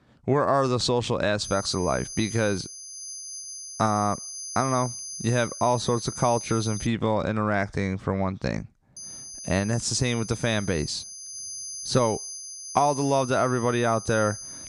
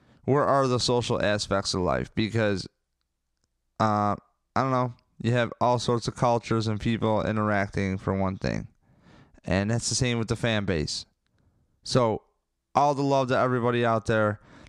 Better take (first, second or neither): second